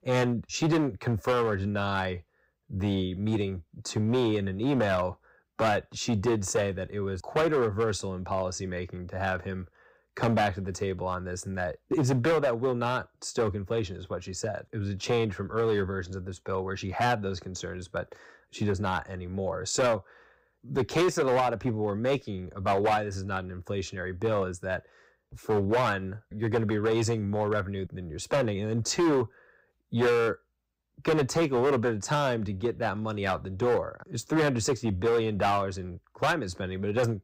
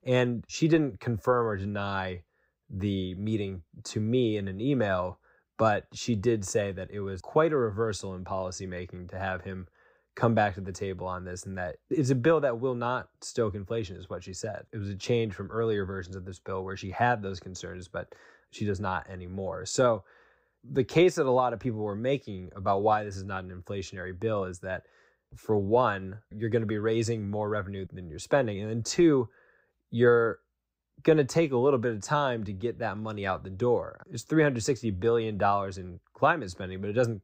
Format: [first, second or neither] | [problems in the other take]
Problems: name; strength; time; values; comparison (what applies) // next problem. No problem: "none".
second | distortion; heavy; 8% of the sound clipped